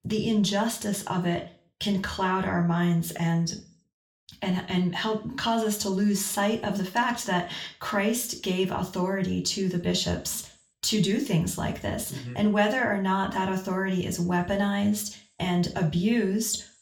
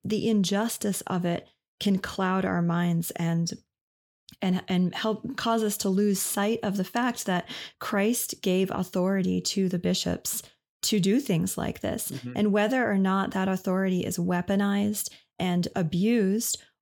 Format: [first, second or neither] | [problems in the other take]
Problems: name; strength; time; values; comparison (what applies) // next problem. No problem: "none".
second | room echo; very slight; dies away in 0.3 s // off-mic speech; somewhat distant